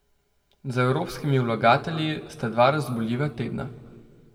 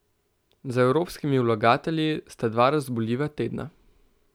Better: second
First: room echo; dies away in 1.2 s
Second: none

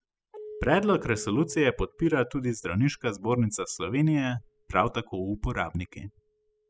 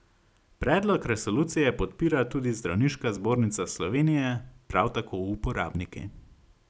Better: second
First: noise reduction (classical method spectral subtraction)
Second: none

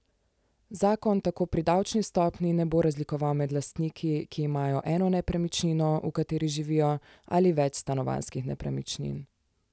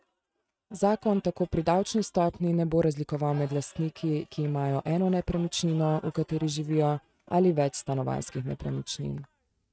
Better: first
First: none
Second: noise reduction (neural mask model RNNoise)

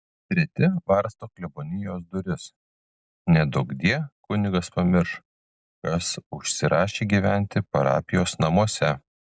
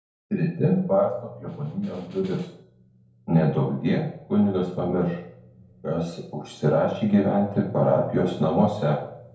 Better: first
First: none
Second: background sound (Snare drum); 20 dB below the speech // room echo; dies away in 2.3 s

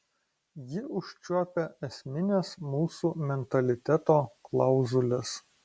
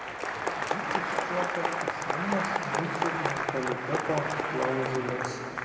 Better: first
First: none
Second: background sound (Applause); 3 dB above the speech // room echo; dies away in 2 s

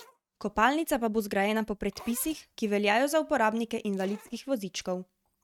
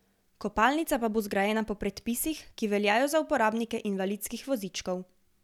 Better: second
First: noise reduction (neural mask model RNNoise)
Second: none

